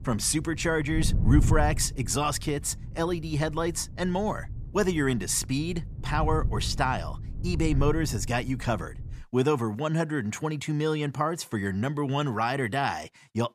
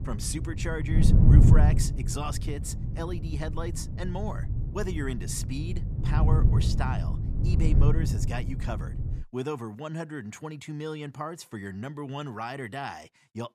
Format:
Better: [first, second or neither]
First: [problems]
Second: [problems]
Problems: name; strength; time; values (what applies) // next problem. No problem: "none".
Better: first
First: wind noise on the microphone; occasional gusts; until 9 s; 20 dB below the speech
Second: wind noise on the microphone; heavy; until 9 s; 3 dB below the speech